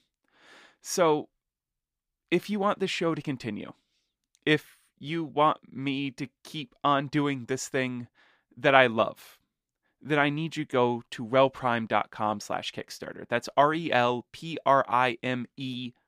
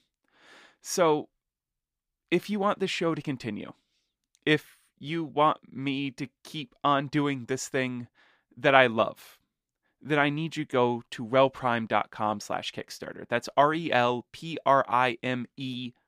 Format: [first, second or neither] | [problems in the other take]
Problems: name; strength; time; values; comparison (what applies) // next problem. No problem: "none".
neither | none